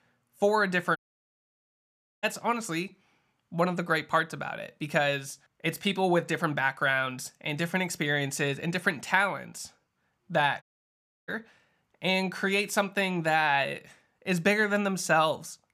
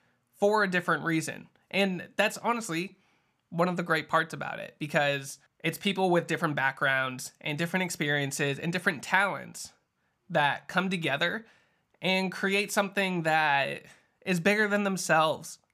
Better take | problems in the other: second | audio cutting out; at 1 s for 1.5 s and at 11 s for 0.5 s

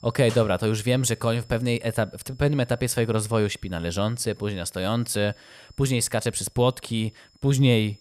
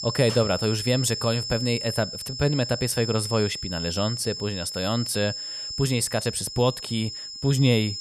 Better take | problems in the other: first | high-pitched whine; loud; throughout; 5 kHz, 6 dB below the speech; faint in the first

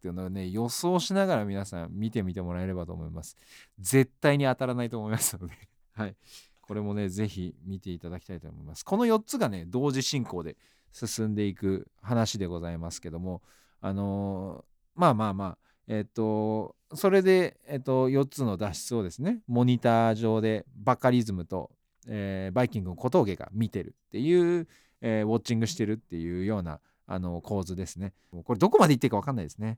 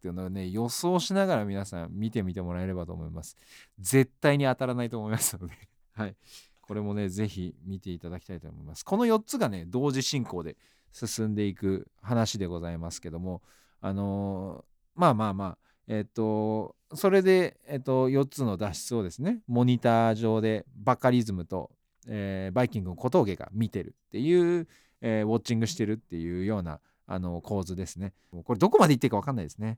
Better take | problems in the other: neither | none

